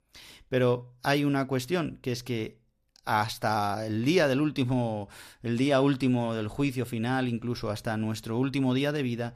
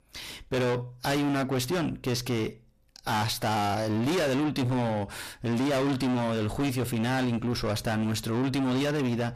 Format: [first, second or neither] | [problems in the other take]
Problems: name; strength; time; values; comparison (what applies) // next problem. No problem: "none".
first | distortion; heavy; 6 dB below the speech